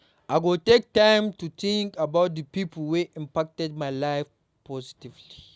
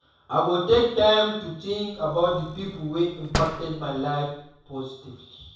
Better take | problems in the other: first | background sound (Slam); 10 dB below the speech // room echo; dies away in 0.7 s

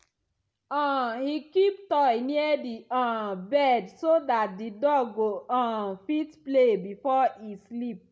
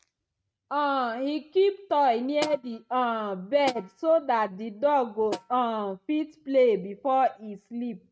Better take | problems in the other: first | noise reduction (neural mask model RNNoise)

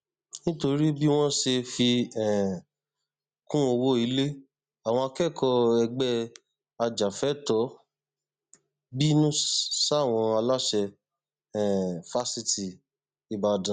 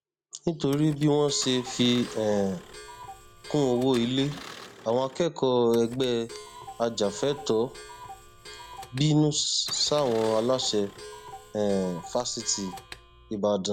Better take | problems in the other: first | background sound (Clock + Engine starting); 16 dB below the speech

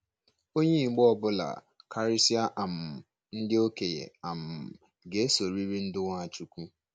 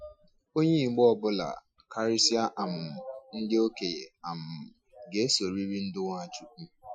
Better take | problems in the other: first | noise reduction (classical method Wiener filter)

